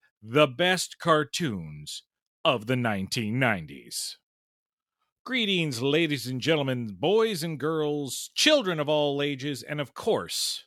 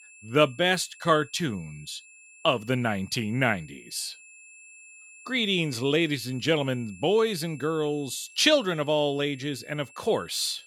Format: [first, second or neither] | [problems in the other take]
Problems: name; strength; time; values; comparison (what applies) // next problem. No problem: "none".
first | high-pitched whine; faint; throughout; 2.5 kHz, 20 dB below the speech